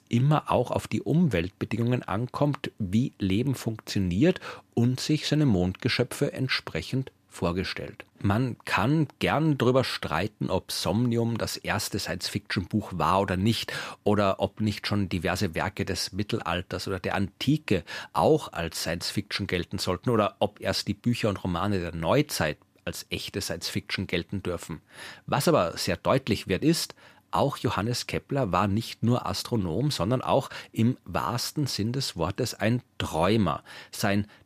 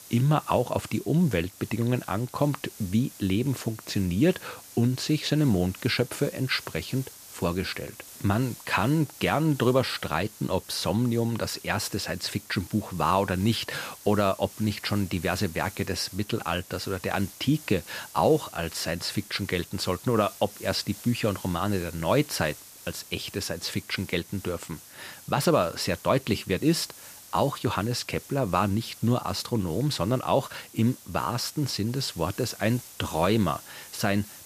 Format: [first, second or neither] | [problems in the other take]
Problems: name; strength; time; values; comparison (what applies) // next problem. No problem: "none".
first | hiss; noticeable; throughout; 15 dB below the speech